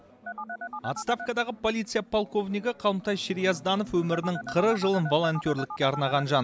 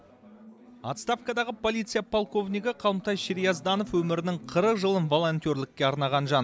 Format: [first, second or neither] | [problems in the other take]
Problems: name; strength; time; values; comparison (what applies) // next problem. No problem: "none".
second | background sound (Telephone); 10 dB below the speech